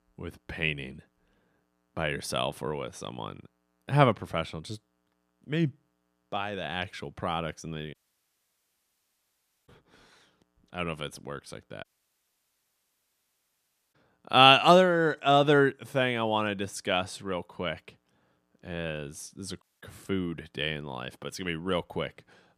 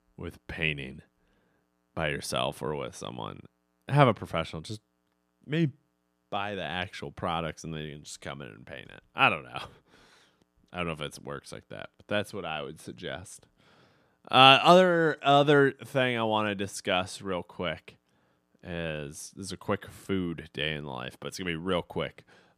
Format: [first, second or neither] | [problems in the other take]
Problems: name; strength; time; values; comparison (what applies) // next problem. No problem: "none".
second | audio cutting out; at 8 s for 1.5 s, at 12 s for 2 s and at 20 s